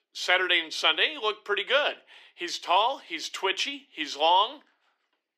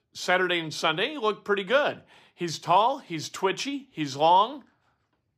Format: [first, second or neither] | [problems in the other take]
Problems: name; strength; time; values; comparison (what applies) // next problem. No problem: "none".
second | thin; somewhat; fading below 350 Hz